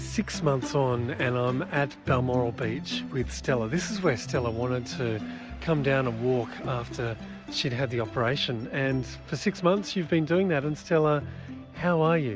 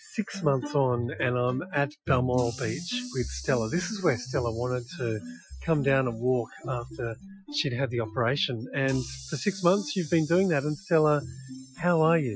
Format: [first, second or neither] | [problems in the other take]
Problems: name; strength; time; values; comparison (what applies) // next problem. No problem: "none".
first | noise reduction (classical method Wiener filter)